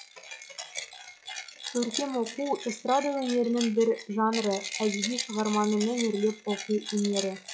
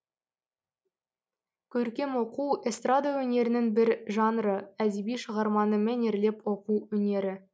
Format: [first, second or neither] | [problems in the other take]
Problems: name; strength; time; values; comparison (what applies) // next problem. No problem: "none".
second | noise reduction (classical method log-MMSE)